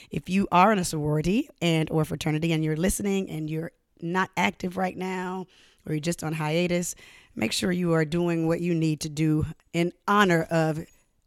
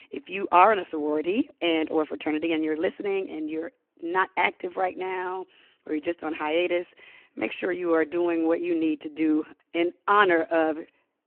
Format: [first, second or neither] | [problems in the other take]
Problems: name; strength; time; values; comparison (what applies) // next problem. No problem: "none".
first | phone-call audio